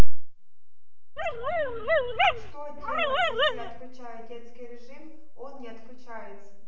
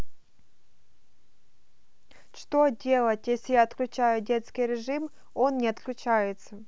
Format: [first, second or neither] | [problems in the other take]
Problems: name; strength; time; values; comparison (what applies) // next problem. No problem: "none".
second | background sound (Dog); 6 dB below the speech // room echo; dies away in 0.7 s